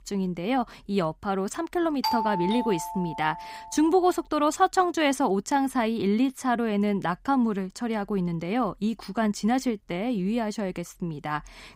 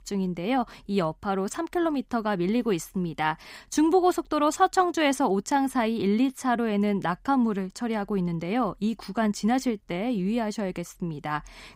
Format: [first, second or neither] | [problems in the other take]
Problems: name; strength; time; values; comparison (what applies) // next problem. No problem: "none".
second | doorbell; noticeable; from 2 to 3.5 s; peak 1 dB below the speech